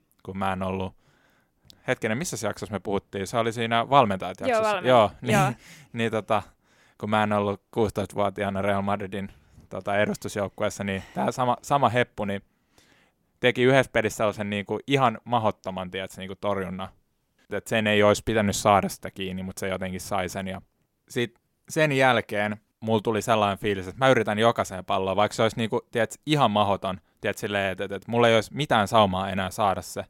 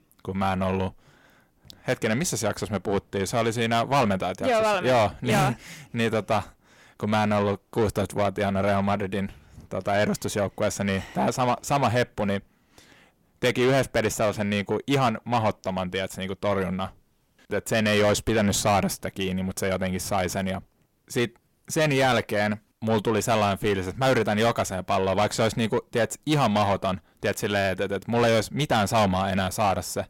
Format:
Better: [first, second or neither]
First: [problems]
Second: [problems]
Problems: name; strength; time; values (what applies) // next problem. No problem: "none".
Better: first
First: none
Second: distortion; heavy; 7 dB below the speech